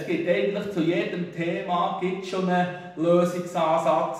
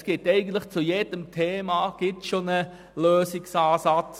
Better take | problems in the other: second | room echo; dies away in 0.8 s

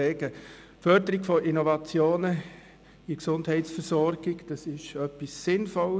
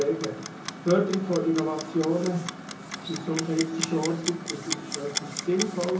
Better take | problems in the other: first | background sound (Clock); 8 dB below the speech // room echo; dies away in 0.5 s

